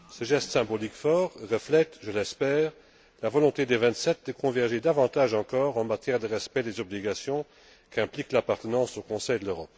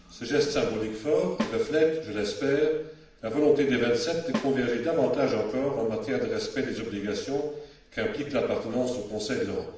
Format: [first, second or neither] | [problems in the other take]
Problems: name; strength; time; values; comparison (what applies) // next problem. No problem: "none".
first | background sound (Snare drum); 11 dB below the speech // room echo; dies away in 0.8 s